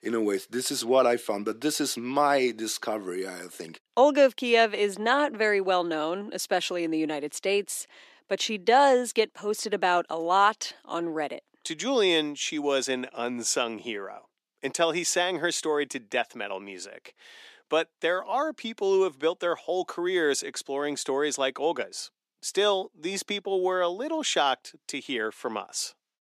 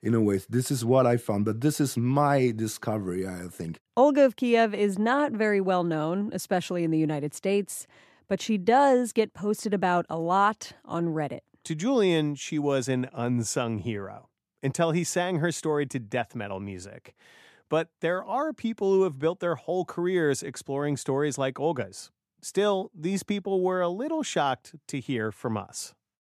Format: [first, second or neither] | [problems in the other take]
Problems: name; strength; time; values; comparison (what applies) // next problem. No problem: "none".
second | thin; somewhat; fading below 300 Hz